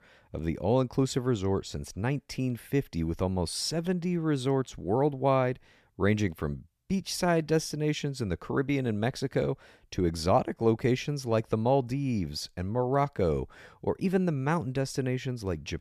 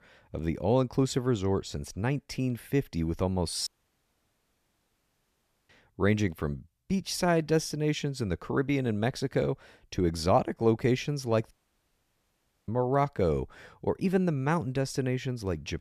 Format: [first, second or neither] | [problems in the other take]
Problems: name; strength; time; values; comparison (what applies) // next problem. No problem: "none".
first | audio cutting out; at 3.5 s for 2 s and at 12 s for 1 s